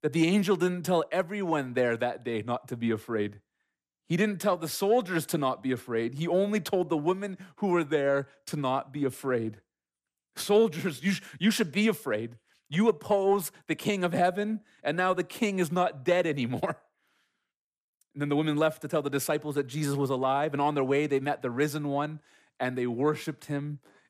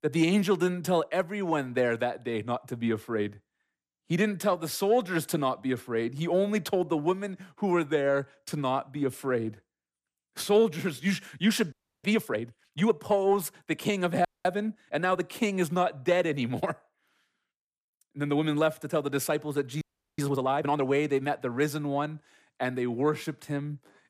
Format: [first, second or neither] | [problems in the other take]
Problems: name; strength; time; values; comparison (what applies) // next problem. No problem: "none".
first | audio freezing; at 12 s, at 14 s and at 20 s